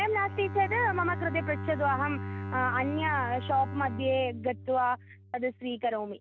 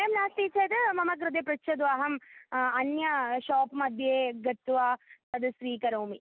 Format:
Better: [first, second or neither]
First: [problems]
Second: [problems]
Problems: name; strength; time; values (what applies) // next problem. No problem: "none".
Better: second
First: background sound (Bowed string instrument); 8 dB below the speech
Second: none